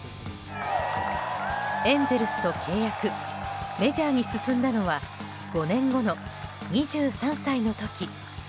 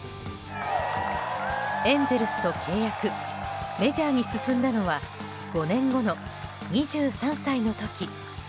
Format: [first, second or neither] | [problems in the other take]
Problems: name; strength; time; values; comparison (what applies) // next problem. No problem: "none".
first | background sound (Wind instrument, woodwind instrument); 18 dB below the speech